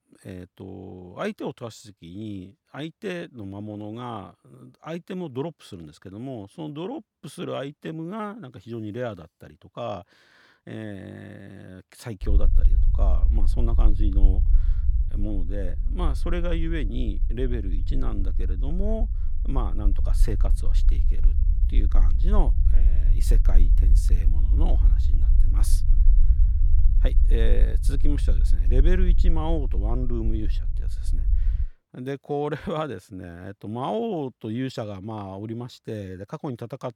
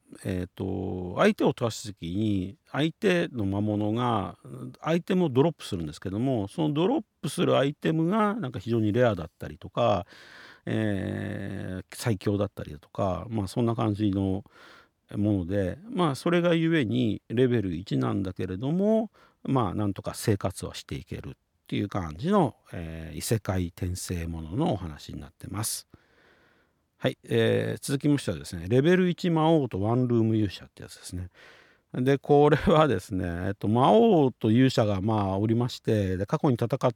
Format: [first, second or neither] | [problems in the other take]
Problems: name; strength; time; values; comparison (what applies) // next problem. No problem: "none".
second | low rumble; noticeable; from 12 to 32 s; 10 dB below the speech